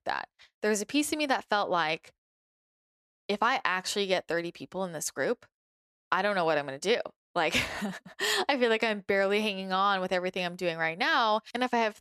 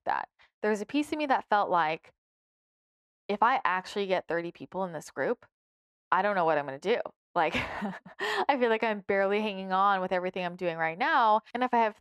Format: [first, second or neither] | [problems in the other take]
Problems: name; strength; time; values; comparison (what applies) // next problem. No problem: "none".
first | muffled; slightly; fading above 3.5 kHz